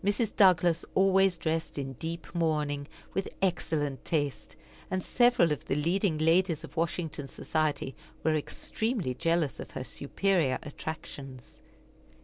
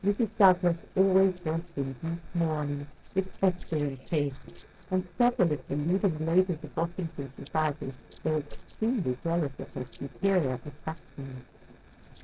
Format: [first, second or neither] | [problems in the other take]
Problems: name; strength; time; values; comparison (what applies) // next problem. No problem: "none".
first | noise reduction (neural separator model SepFormer DNS4)